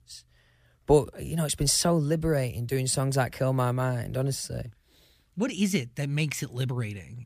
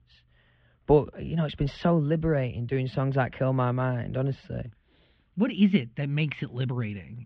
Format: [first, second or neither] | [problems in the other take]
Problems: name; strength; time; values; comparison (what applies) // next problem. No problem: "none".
first | muffled; very; fading above 3 kHz